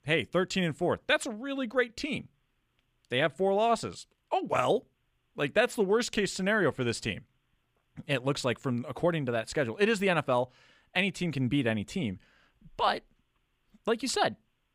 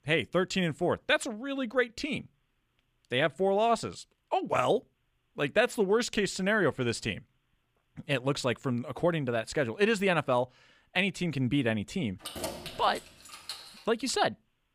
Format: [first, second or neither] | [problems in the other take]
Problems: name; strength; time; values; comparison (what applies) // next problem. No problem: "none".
first | jangling keys; noticeable; from 12 to 14 s; peak 8 dB below the speech